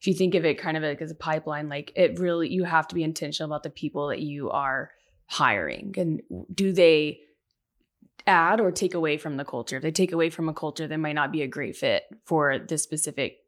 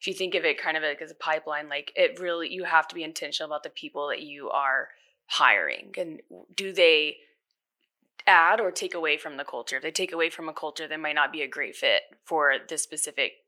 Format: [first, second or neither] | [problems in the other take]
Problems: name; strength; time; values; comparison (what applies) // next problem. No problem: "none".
first | thin; very; fading below 600 Hz